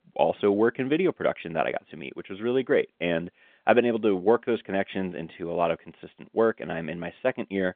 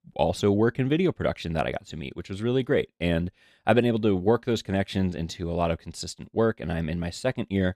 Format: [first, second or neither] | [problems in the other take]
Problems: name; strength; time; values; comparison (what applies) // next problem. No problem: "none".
second | phone-call audio; nothing above 3.5 kHz